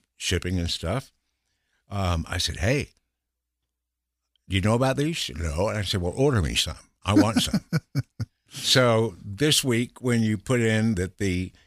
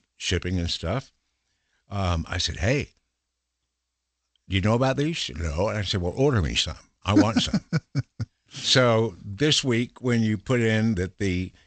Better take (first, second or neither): first